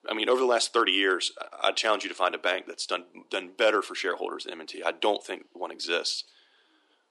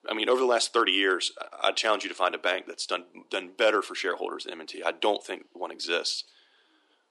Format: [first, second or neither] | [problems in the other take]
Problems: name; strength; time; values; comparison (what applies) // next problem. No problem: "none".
neither | thin; very; fading below 300 Hz; the same in both